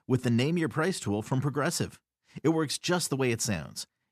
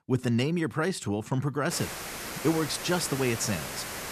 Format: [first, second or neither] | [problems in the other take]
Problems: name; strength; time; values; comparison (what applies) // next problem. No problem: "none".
first | hiss; loud; from 1.5 s on; 7 dB below the speech